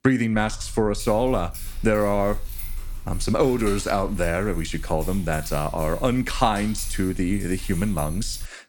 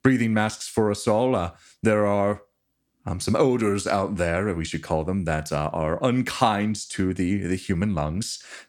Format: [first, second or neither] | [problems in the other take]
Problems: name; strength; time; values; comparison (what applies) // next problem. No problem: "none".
second | jangling keys; noticeable; peak 8 dB below the speech